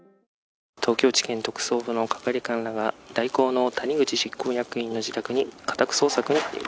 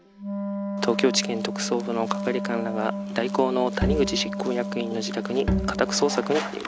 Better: first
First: none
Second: background sound (Wind instrument, woodwind instrument + Bowed string instrument); 3 dB below the speech

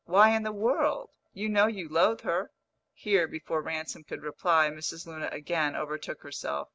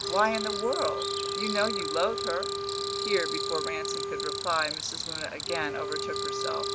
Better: first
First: none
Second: background sound (Wind instrument, woodwind instrument + Cricket); as loud as the speech

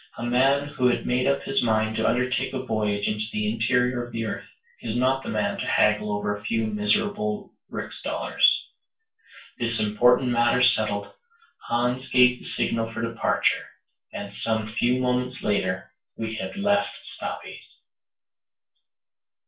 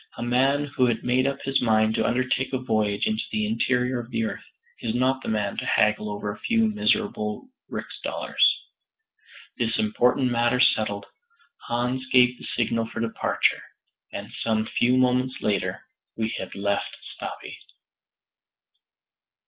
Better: second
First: room echo; dies away in 0.2 s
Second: none

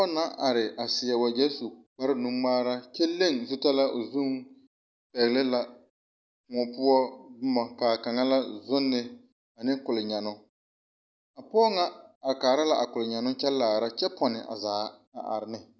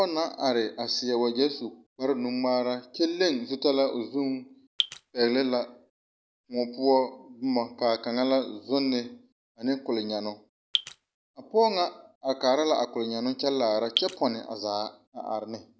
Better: first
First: none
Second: background sound (Drip); 4 dB below the speech

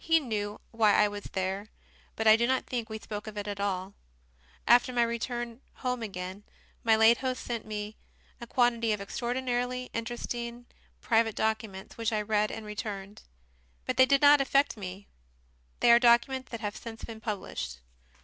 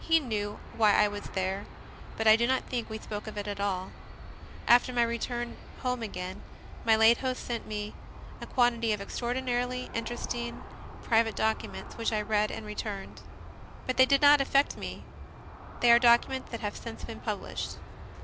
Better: first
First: none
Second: background sound (Aircraft); 12 dB below the speech

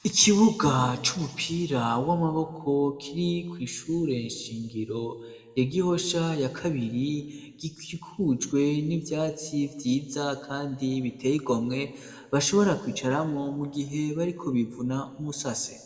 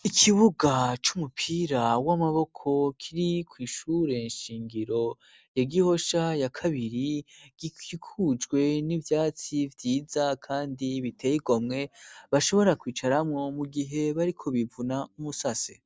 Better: second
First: room echo; dies away in 1.1 s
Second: none

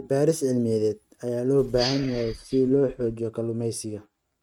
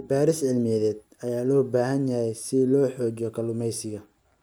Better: second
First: noise reduction (neural mask model RNNoise)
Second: none

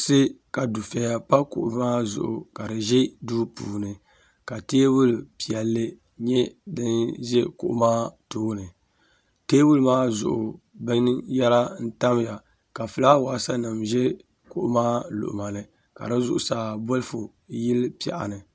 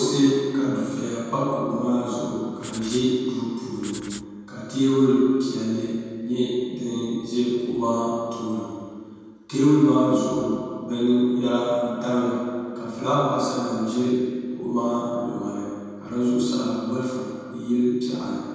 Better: first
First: none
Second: background sound (Writing); 17 dB below the speech // room echo; dies away in 2.1 s

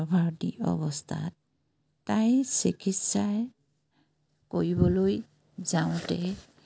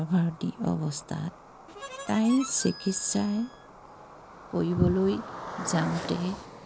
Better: first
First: none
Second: background sound (Cricket + Harmonica); 13 dB below the speech

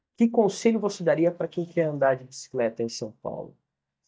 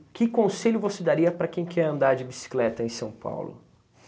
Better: second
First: noise reduction (neural mask model DeepFilterNet 3)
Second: none

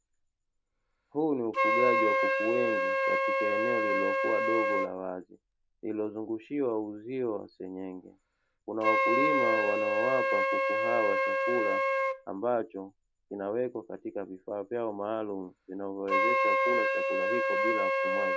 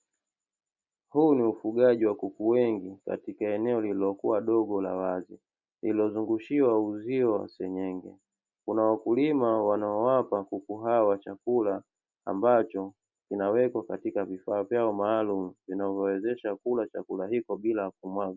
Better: second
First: background sound (Wind instrument, woodwind instrument); 4 dB above the speech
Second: none

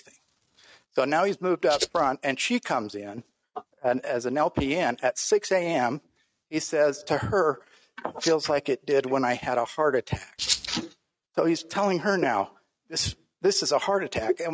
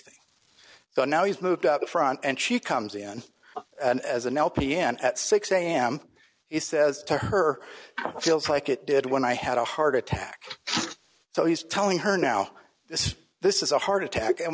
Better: second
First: noise reduction (neural mask model RNNoise)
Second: none

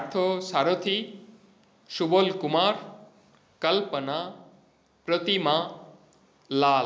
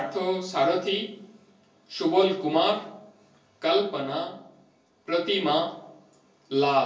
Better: first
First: none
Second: room echo; dies away in 0.3 s

